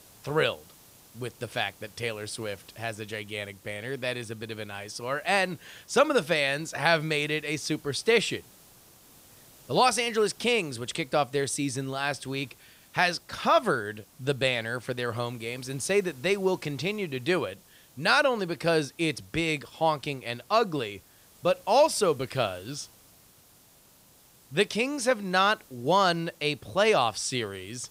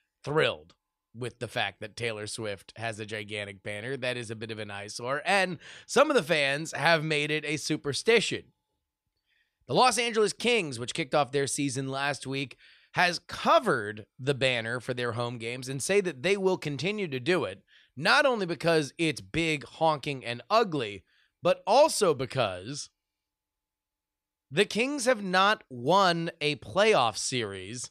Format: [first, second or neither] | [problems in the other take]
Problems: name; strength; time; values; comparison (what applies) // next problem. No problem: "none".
second | hiss; faint; throughout; 25 dB below the speech